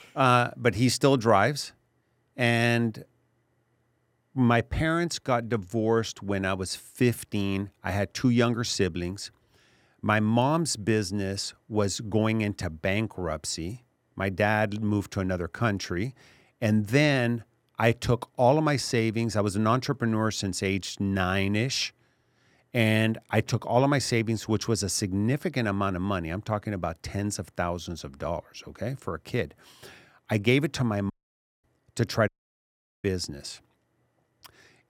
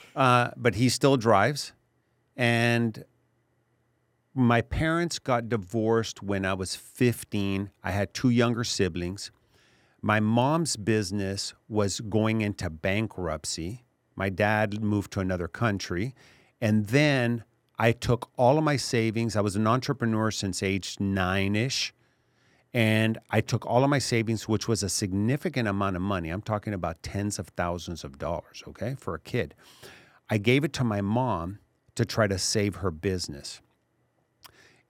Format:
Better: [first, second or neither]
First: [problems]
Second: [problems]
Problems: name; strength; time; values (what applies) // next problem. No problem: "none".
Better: second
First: audio cutting out; at 31 s for 0.5 s and at 32 s for 1 s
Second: none